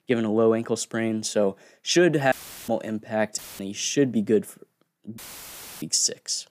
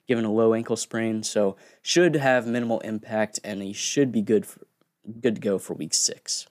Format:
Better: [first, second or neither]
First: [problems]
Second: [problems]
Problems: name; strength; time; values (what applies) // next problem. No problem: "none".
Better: second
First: audio cutting out; filled with static; at 2.5 s, at 3.5 s and at 5 s for 0.5 s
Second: none